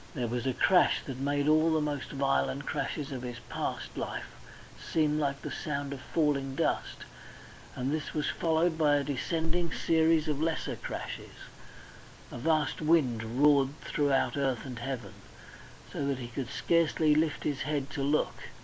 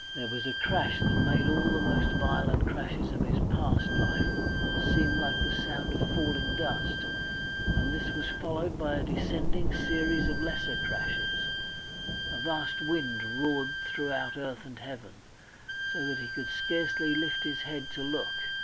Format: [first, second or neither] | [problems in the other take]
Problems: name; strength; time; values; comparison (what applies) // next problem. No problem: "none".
first | background sound (Thunder / Rain + Wind instrument, woodwind instrument); 4 dB above the speech